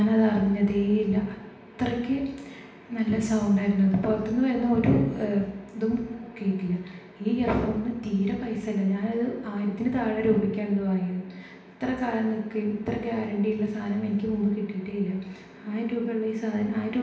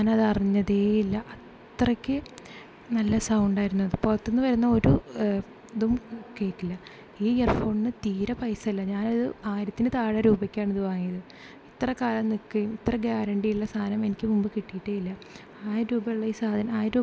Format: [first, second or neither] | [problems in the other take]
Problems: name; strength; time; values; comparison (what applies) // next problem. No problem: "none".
second | room echo; dies away in 0.9 s